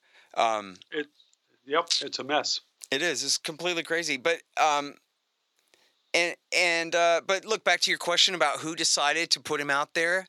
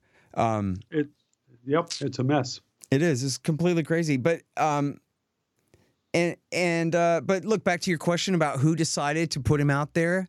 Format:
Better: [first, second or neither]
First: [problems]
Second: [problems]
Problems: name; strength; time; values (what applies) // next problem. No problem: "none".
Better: second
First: thin; very; fading below 600 Hz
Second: none